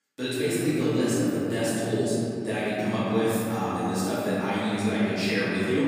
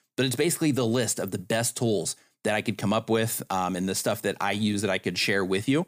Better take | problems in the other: second | off-mic speech; far // room echo; strong; dies away in 3 s

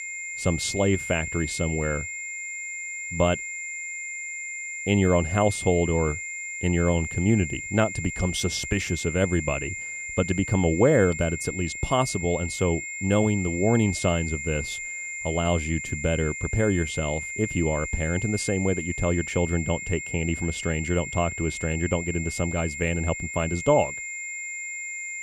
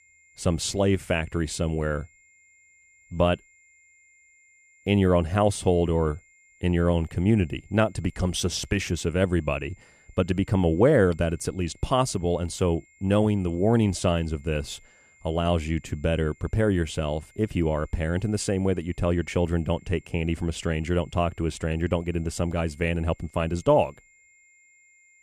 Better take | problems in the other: second | high-pitched whine; loud; throughout; 2 kHz, 6 dB below the speech; faint in the second

